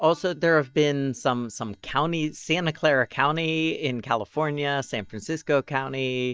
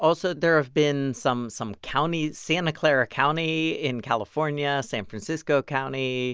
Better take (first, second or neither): second